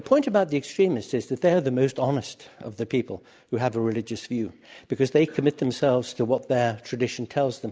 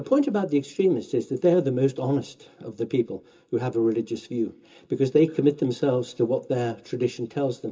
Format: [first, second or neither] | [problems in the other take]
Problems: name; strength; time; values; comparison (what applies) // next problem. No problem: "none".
first | room echo; dies away in 0.2 s